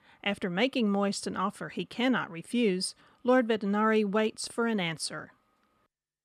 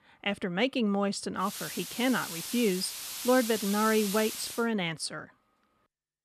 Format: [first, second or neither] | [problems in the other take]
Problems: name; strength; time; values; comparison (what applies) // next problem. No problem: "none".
first | hiss; loud; from 1.5 to 4.5 s; 7 dB below the speech